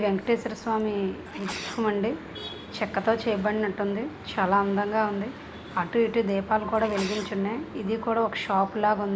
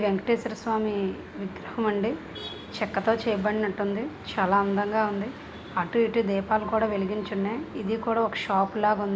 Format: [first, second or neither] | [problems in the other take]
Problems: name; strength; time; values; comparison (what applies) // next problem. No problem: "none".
second | background sound (Sneeze); 16 dB below the speech